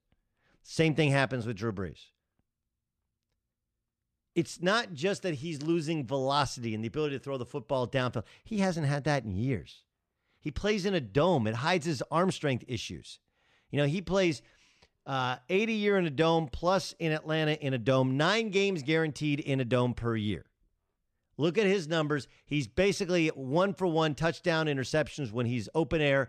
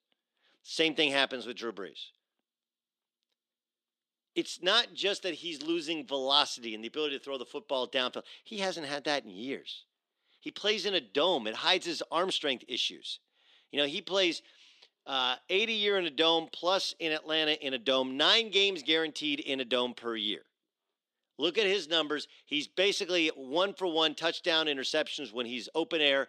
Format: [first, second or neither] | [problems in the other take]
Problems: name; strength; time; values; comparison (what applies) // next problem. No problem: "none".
first | thin; somewhat; fading below 250 Hz